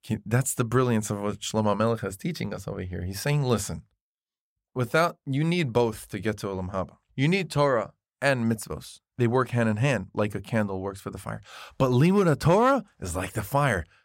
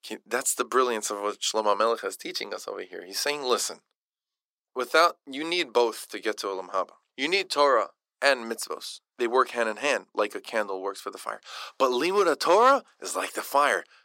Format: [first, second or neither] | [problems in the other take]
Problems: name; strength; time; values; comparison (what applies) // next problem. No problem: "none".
first | thin; very; fading below 300 Hz